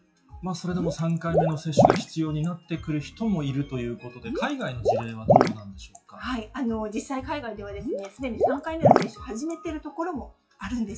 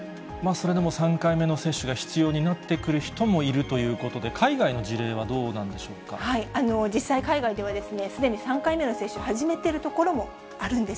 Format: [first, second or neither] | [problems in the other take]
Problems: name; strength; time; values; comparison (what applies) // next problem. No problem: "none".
second | noise reduction (classical method WPE with log-MMSE)